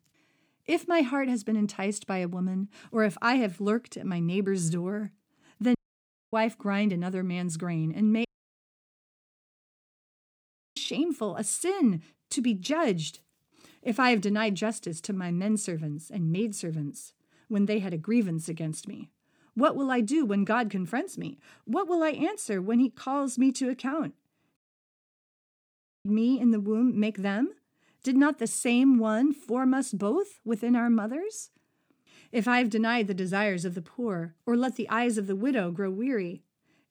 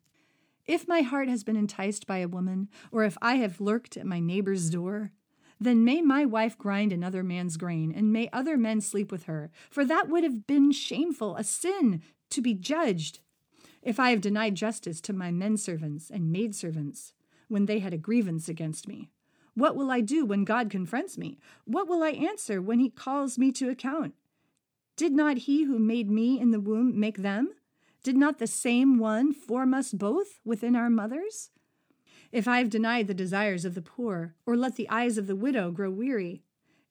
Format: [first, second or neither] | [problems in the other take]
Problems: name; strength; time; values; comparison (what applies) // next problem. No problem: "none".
second | audio cutting out; at 6 s for 0.5 s, at 8.5 s for 2.5 s and at 25 s for 1.5 s